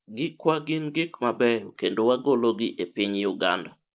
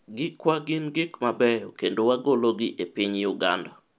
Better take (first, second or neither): second